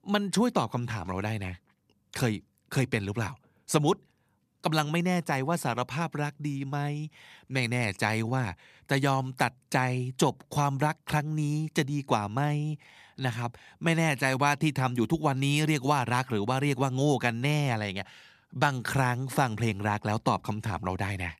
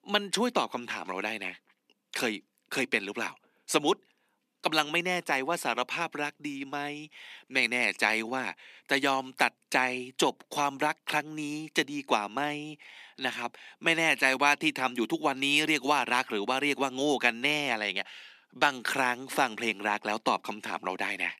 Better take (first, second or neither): first